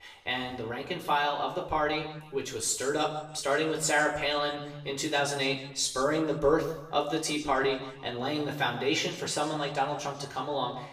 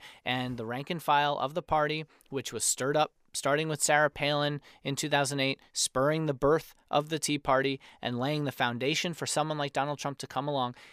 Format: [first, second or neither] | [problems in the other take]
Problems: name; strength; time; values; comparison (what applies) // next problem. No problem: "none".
second | room echo; slight; dies away in 0.9 s // off-mic speech; far